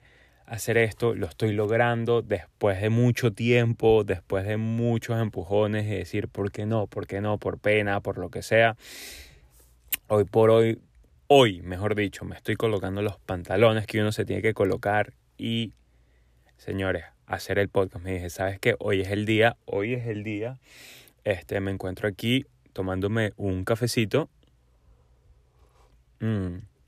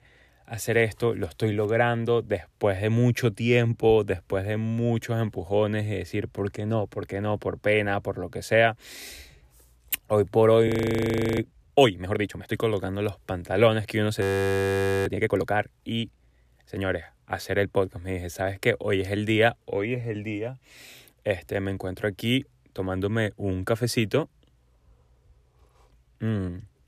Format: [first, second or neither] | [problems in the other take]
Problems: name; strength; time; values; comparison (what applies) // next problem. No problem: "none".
first | audio freezing; at 11 s for 0.5 s and at 14 s for 1 s